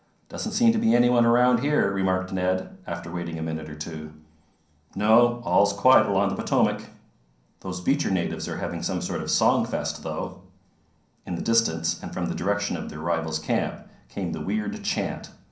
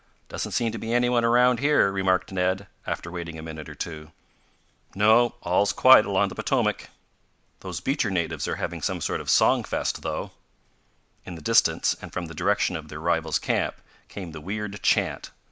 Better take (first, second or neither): second